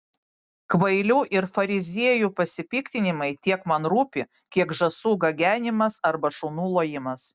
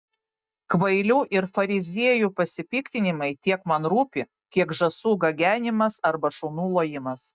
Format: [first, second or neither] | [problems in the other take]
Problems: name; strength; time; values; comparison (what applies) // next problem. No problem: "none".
first | noise reduction (neural mask model DeepFilterNet 3)